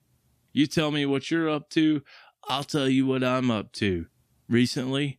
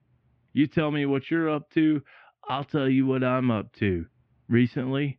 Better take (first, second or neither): first